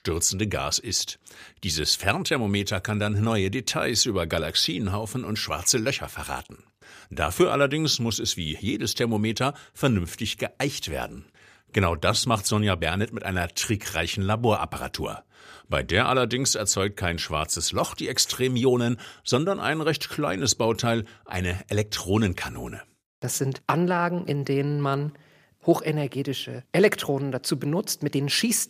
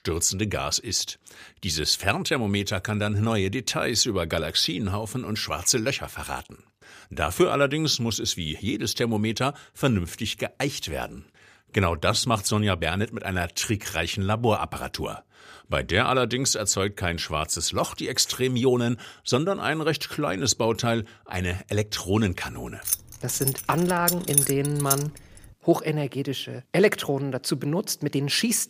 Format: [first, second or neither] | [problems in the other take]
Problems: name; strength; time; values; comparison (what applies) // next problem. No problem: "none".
first | jangling keys; loud; from 23 to 25 s; peak 5 dB above the speech